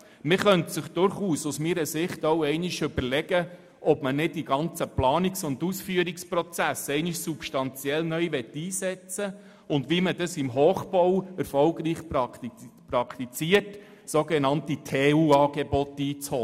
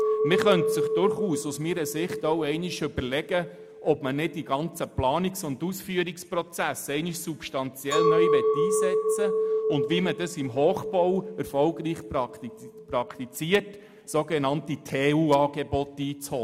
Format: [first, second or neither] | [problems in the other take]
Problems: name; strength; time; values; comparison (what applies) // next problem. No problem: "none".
first | background sound (Chink, clink); 3 dB below the speech